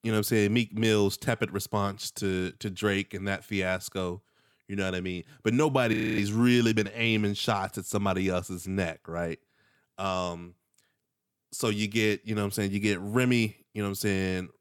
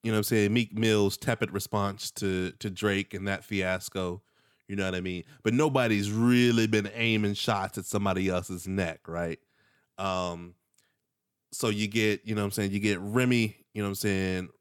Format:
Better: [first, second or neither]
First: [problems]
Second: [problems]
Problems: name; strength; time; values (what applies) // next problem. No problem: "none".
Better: second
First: audio freezing; at 6 s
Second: none